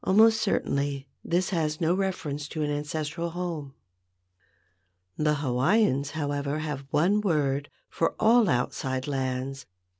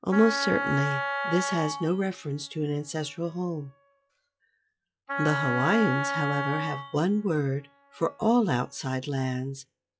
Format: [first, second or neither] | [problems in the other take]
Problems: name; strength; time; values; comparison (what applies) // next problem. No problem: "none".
first | noise reduction (classical method log-MMSE)